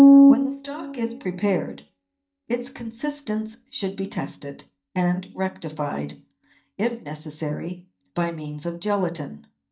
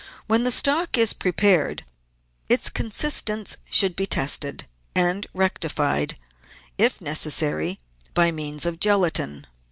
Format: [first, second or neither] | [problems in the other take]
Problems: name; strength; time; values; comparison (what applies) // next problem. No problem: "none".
second | noise reduction (neural mask model DeepFilterNet 3)